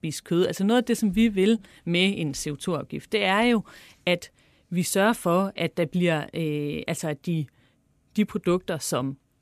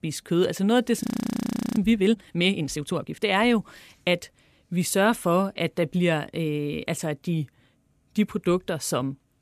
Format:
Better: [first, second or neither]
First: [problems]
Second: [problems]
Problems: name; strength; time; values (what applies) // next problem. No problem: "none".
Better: first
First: none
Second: audio freezing; at 1 s for 0.5 s